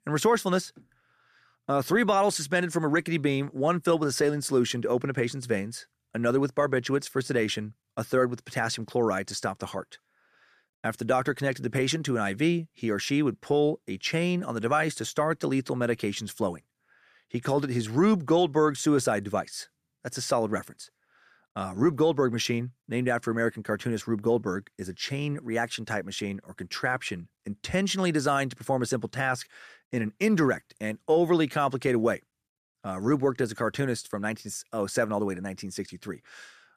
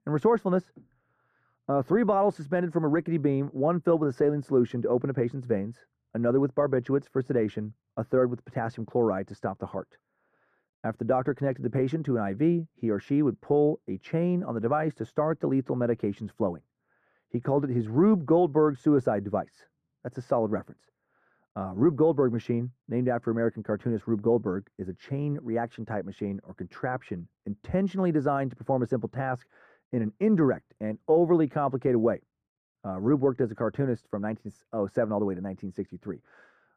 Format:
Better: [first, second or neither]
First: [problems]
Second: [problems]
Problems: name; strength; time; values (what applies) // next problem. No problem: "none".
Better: first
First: none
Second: muffled; very; fading above 2 kHz